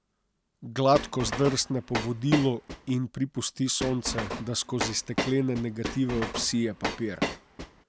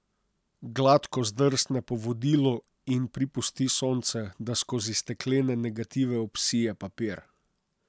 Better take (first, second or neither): second